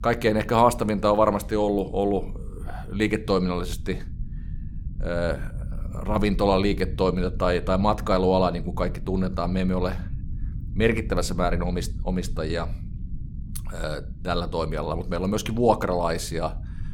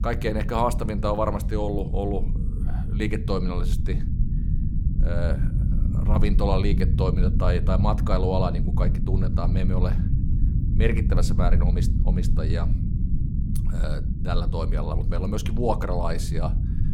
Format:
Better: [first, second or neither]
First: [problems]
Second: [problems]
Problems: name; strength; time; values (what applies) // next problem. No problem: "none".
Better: first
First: low rumble; faint; throughout; 25 dB below the speech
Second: low rumble; loud; throughout; 9 dB below the speech